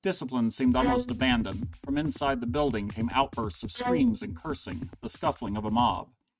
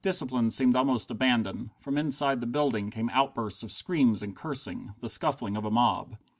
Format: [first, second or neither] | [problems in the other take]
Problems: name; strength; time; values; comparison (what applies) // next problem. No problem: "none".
second | noise reduction (neural mask model RNNoise)